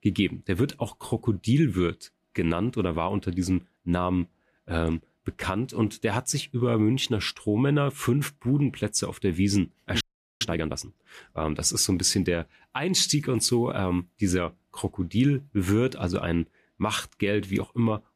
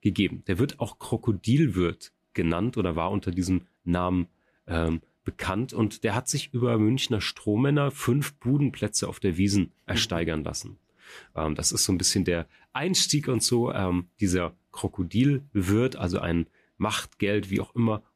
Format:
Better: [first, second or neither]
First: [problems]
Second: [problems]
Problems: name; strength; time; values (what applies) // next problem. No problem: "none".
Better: second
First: audio freezing; at 10 s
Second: none